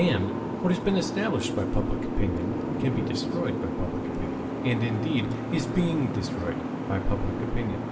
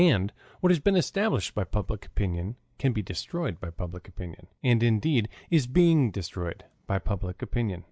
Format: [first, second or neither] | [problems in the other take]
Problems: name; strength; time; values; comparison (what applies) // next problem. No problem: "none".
second | background sound (Boat, Water vehicle); 2 dB below the speech // room echo; dies away in 0.8 s